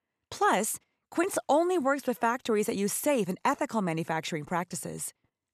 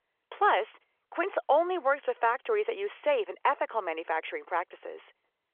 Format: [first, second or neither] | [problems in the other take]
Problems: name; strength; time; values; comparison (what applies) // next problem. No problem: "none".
first | phone-call audio; nothing above 3.5 kHz